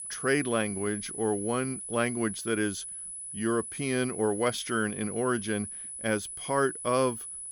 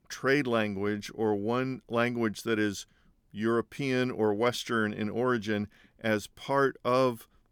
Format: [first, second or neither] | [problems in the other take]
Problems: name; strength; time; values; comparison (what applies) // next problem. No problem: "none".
second | high-pitched whine; loud; throughout; 10 kHz, 7 dB below the speech